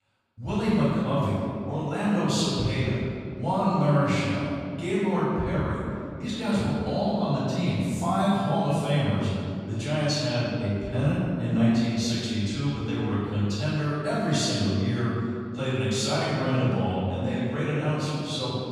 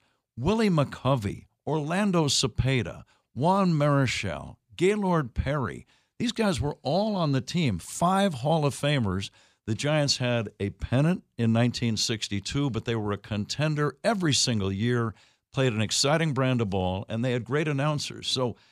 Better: second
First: room echo; strong; dies away in 2.4 s // off-mic speech; far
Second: none

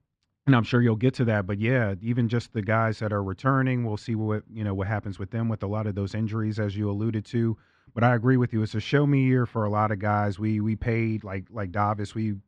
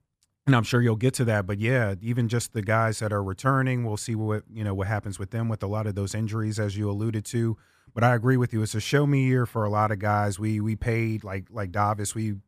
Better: second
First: muffled; slightly; fading above 4 kHz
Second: none

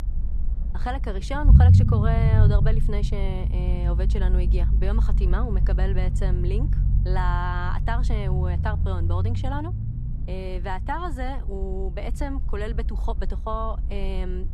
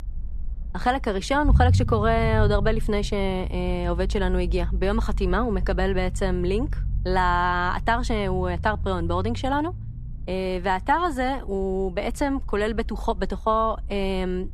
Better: second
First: low rumble; loud; throughout; 6 dB below the speech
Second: low rumble; faint; throughout; 20 dB below the speech

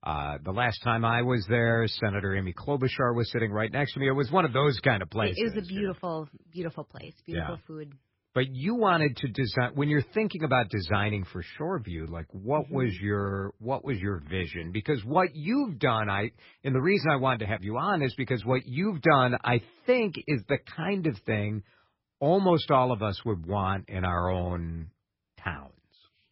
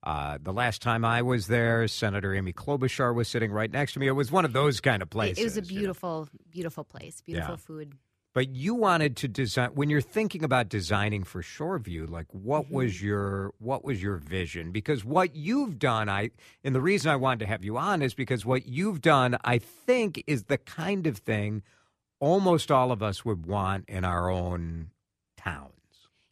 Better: second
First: garbled, watery; badly; nothing above 5.5 kHz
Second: none

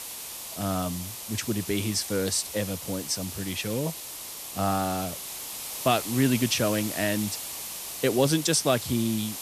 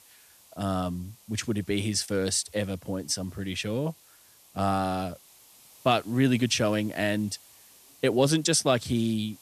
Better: second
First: hiss; loud; throughout; 7 dB below the speech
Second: hiss; faint; throughout; 25 dB below the speech

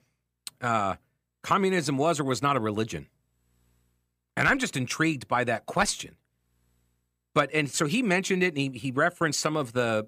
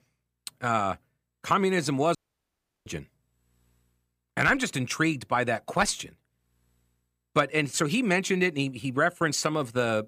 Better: first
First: none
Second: audio cutting out; at 2 s for 0.5 s

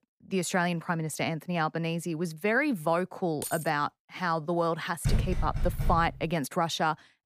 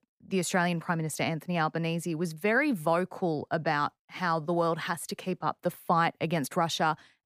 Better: second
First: jangling keys; noticeable; at 3.5 s; peak 7 dB below the speech // door banging; noticeable; from 5 to 6 s; peak level with the speech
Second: none

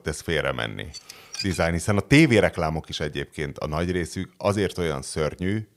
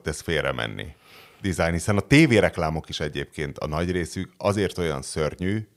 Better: second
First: clattering dishes; noticeable; at 1 s; peak 8 dB below the speech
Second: none

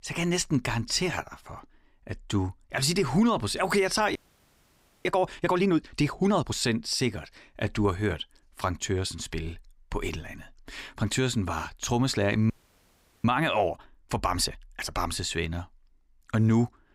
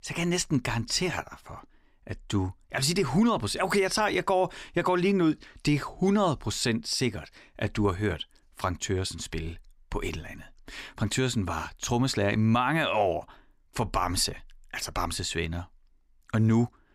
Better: second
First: audio freezing; at 4 s for 1 s and at 13 s for 0.5 s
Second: none

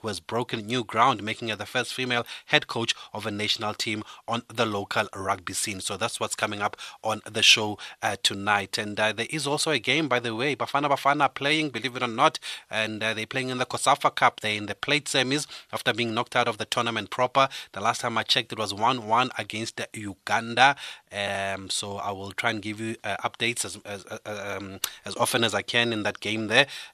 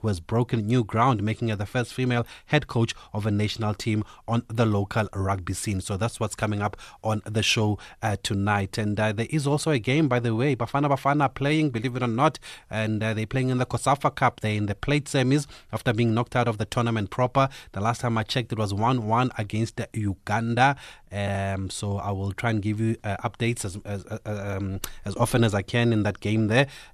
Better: second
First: thin; somewhat; fading below 800 Hz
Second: none

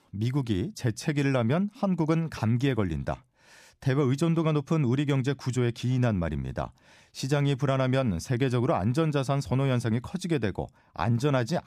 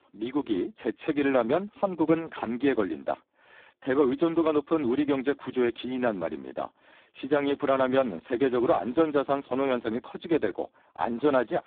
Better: first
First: none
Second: phone-call audio; poor line

